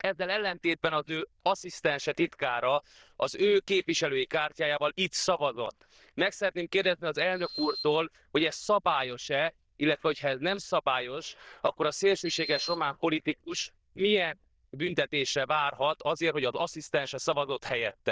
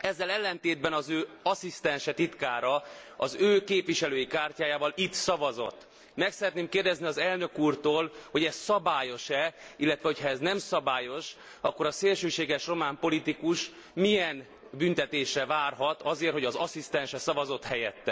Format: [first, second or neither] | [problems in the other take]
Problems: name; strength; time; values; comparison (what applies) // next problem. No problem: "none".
second | noise reduction (neural diffusion model UNIVERSE++)